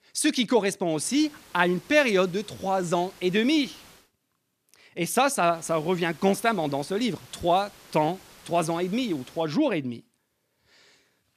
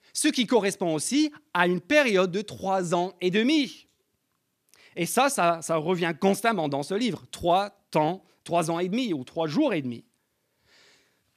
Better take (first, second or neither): second